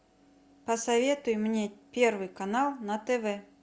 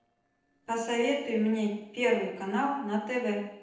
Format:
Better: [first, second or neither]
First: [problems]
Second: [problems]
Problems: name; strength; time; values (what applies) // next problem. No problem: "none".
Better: first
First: none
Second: noise reduction (neural separator model SepFormer DNS4)